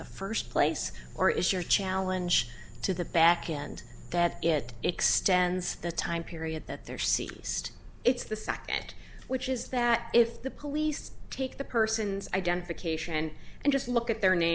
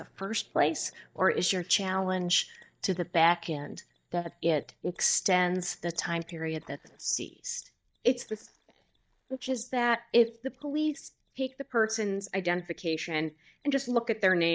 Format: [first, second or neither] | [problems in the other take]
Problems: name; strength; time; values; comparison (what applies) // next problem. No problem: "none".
first | noise reduction (neural mask model DeepFilterNet 3)